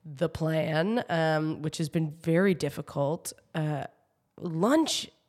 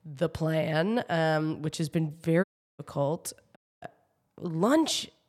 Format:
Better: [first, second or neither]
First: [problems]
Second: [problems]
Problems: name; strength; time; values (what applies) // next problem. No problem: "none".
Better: first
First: none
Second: audio cutting out; at 2.5 s and at 3.5 s